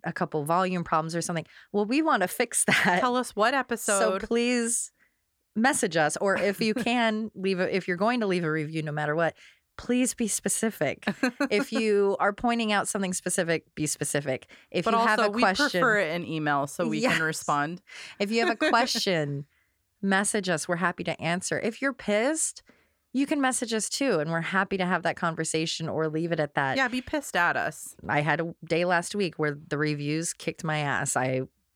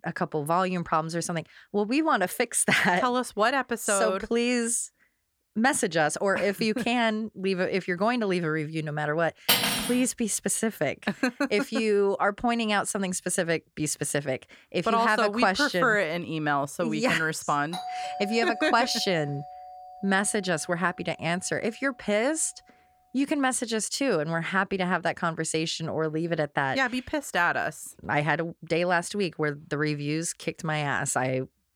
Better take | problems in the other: first | clattering dishes; loud; at 9.5 s; peak 5 dB above the speech // doorbell; noticeable; from 18 to 21 s; peak 8 dB below the speech

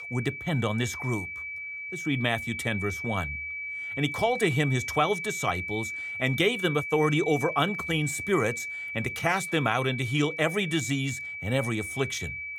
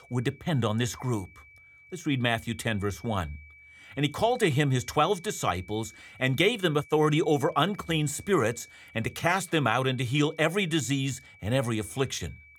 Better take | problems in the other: second | high-pitched whine; loud; throughout; 2.5 kHz, 5 dB below the speech; faint in the second

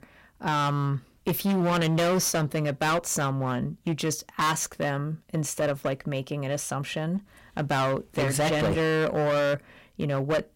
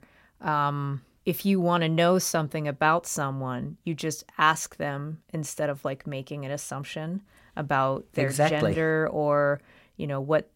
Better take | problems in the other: second | distortion; heavy; 15% of the sound clipped

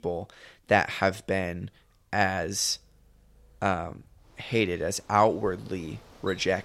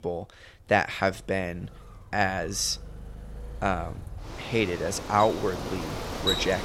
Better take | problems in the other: first | traffic noise; loud; throughout; 7 dB below the speech; faint in the first

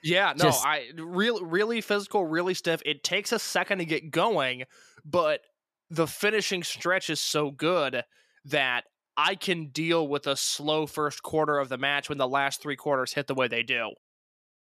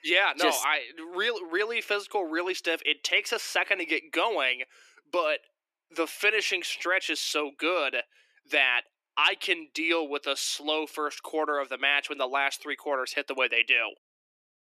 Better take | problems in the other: first | thin; somewhat; fading below 300 Hz

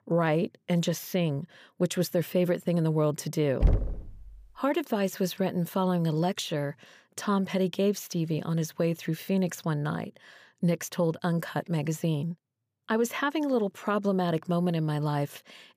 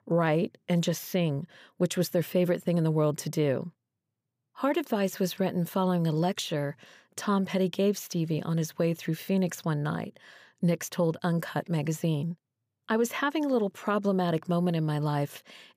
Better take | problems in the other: second | door banging; loud; at 3.5 s; peak 1 dB above the speech

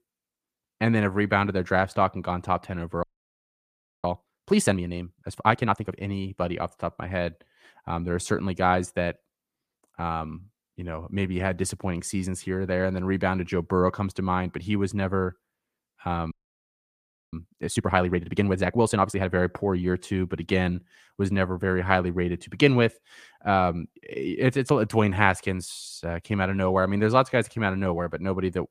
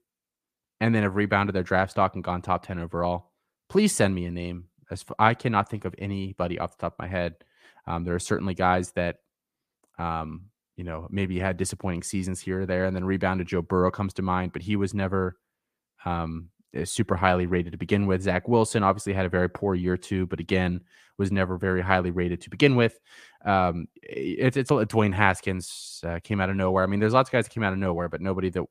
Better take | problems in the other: second | audio freezing; at 3 s for 1 s and at 16 s for 1 s

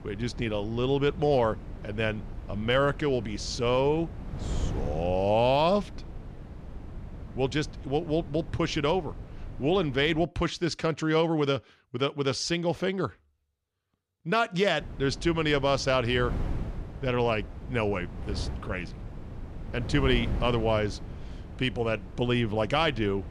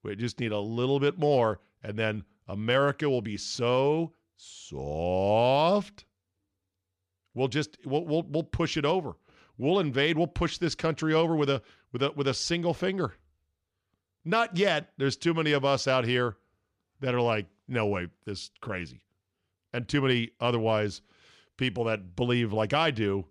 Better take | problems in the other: second | wind noise on the microphone; occasional gusts; until 10 s and from 15 s on; 20 dB below the speech

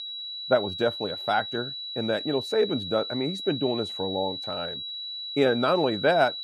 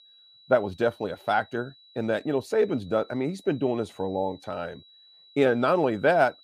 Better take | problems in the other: second | high-pitched whine; loud; throughout; 4 kHz, 6 dB below the speech; faint in the second

